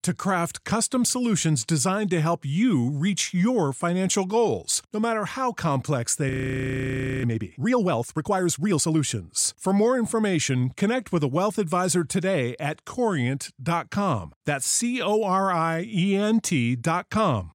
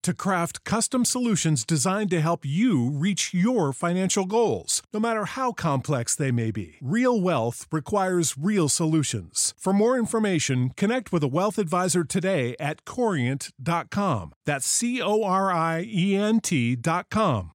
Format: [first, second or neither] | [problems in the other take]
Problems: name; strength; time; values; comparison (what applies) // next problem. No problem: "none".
second | audio freezing; at 6.5 s for 1 s